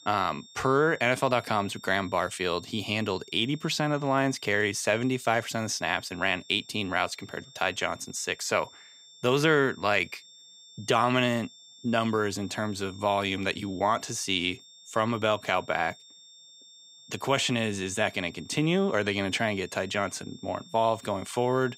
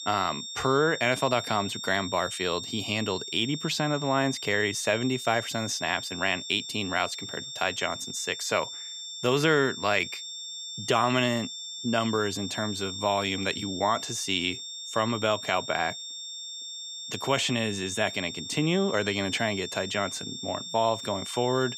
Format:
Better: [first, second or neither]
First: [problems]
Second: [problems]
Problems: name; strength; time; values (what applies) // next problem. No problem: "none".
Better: first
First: high-pitched whine; faint; throughout; 3.5 kHz, 20 dB below the speech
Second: high-pitched whine; loud; throughout; 3.5 kHz, 8 dB below the speech